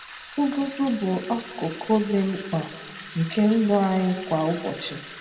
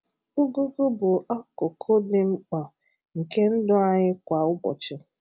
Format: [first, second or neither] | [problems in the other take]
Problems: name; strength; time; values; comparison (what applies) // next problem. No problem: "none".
second | background sound (Sink (filling or washing) / Water tap, faucet); 16 dB below the speech // room echo; dies away in 1.1 s